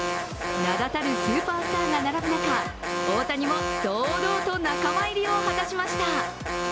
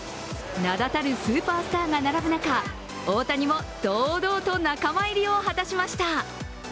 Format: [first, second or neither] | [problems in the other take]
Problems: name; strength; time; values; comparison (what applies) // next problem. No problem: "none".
second | background sound (Alarm); 2 dB below the speech